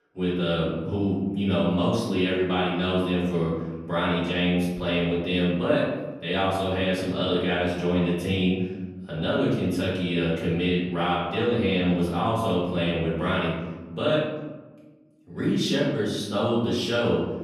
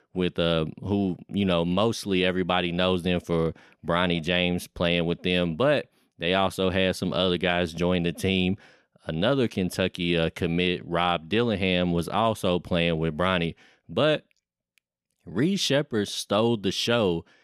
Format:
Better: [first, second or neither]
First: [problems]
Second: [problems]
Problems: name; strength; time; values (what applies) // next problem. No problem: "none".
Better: second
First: off-mic speech; far // room echo; noticeable; dies away in 1.1 s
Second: none